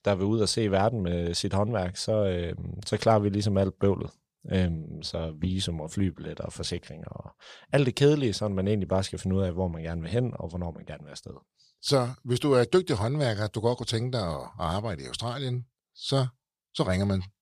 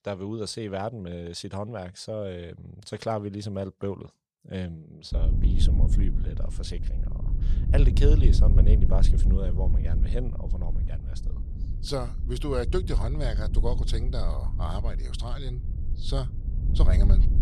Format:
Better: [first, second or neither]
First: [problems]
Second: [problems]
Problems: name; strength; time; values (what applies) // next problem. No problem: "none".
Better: first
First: none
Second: wind noise on the microphone; heavy; from 5 s on; 8 dB below the speech